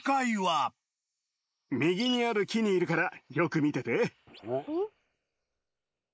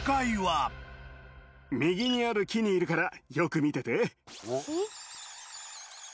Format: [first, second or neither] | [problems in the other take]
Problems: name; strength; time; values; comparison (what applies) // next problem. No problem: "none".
second | noise reduction (neural mask model Resemble Enhance denoiser)